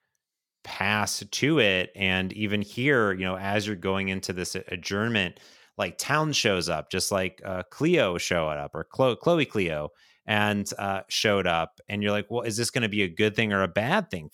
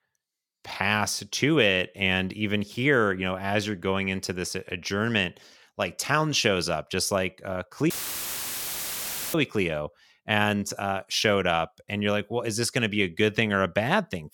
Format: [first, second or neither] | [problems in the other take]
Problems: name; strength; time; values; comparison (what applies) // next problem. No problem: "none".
first | audio cutting out; filled with static; at 8 s for 1.5 s